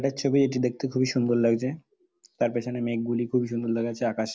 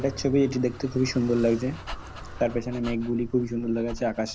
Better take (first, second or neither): first